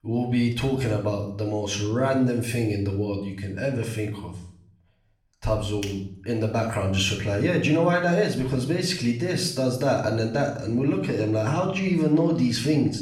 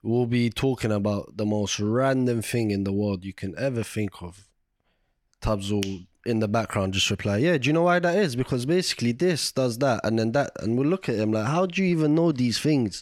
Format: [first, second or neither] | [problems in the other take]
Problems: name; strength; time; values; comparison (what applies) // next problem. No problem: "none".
second | room echo; slight; dies away in 0.5 s // off-mic speech; far